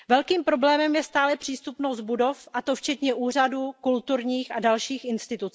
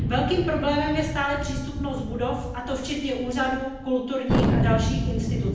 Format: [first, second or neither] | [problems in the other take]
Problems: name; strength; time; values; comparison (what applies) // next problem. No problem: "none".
first | background sound (Thunder); as loud as the speech // room echo; dies away in 0.9 s